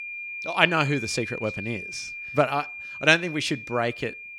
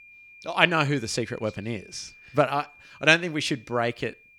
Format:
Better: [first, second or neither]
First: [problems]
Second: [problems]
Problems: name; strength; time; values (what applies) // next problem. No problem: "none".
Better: second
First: high-pitched whine; loud; throughout; 2.5 kHz, 9 dB below the speech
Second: high-pitched whine; faint; throughout; 2.5 kHz, 25 dB below the speech